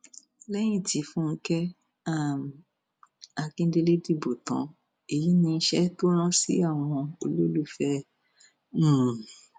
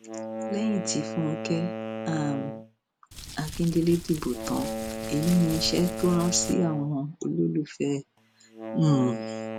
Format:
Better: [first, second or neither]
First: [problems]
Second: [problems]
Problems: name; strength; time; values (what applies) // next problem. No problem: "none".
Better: first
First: none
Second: background sound (Wind instrument, woodwind instrument + Crumpling, crinkling); 7 dB below the speech